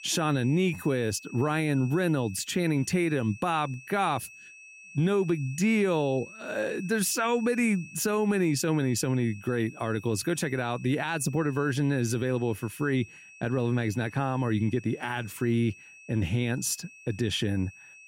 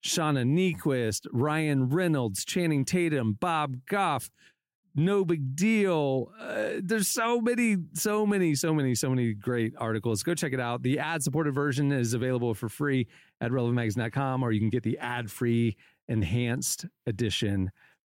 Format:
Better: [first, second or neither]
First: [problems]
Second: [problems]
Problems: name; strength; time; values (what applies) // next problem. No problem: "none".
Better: second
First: high-pitched whine; noticeable; throughout; 2.5 kHz, 20 dB below the speech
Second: none